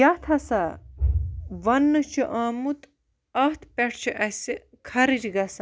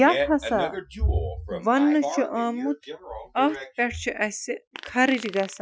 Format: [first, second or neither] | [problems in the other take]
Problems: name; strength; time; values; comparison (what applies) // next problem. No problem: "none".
first | noise reduction (classical method Wiener filter)